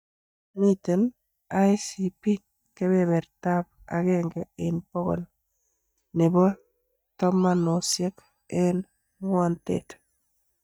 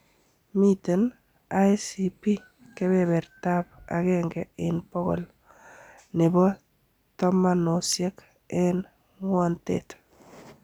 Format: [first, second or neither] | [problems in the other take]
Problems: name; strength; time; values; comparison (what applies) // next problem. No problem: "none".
second | noise reduction (neural mask model DeepFilterNet 3)